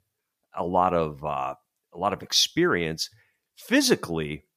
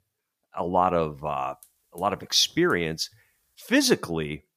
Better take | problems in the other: first | hiss; faint; from 1 to 3.5 s; 30 dB below the speech

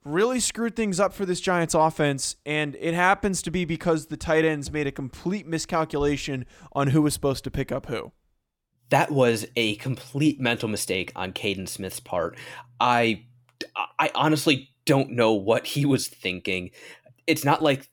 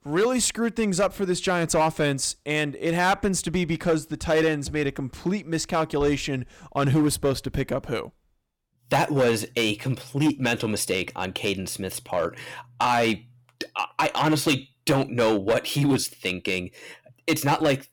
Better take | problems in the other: first | distortion; slight; 5% of the sound clipped

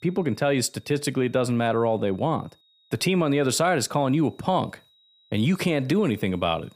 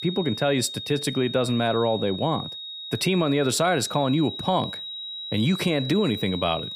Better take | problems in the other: first | high-pitched whine; loud; throughout; 4 kHz, 8 dB below the speech; faint in the first

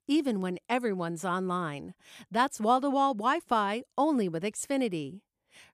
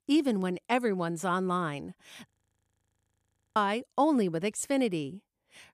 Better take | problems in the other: first | audio freezing; at 2.5 s for 1.5 s

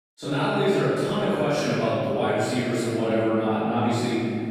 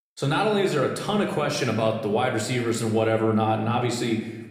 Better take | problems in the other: second | room echo; strong; dies away in 2.7 s; slight in the second // off-mic speech; far

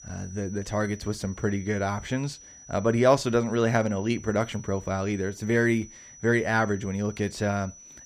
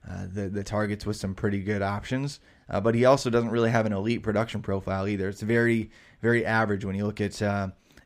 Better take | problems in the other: second | high-pitched whine; noticeable; throughout; 6 kHz, 20 dB below the speech

